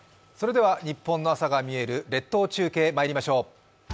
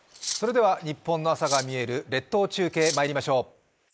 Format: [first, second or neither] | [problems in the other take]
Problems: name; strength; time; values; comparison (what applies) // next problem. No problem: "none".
first | noise reduction (neural mask model Resemble Enhance denoiser)